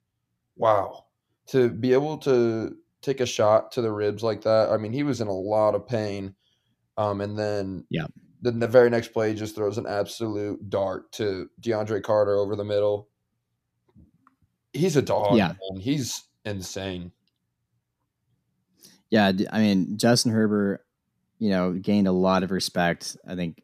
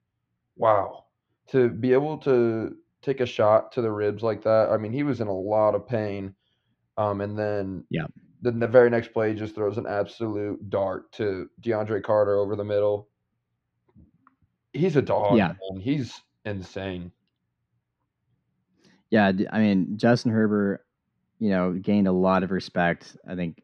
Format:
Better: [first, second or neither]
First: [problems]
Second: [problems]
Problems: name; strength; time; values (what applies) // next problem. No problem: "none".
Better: first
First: none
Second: muffled; slightly; fading above 2.5 kHz